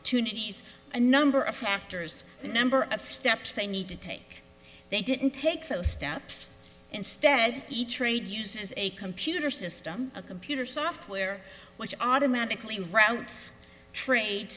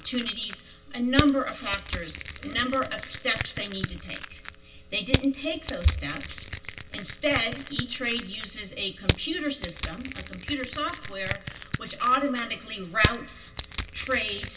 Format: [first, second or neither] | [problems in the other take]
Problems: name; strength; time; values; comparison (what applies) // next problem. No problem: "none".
first | background sound (Crushing); 5 dB below the speech // room echo; dies away in 0.2 s